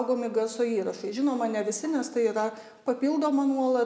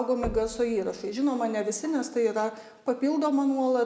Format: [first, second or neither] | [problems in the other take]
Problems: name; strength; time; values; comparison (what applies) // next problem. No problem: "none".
first | background sound (Knock); 17 dB below the speech